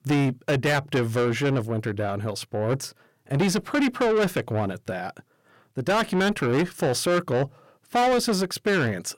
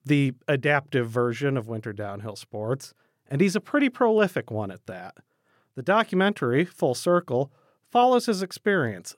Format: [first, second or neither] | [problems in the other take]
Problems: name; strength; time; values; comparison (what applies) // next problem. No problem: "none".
second | distortion; heavy; 7 dB below the speech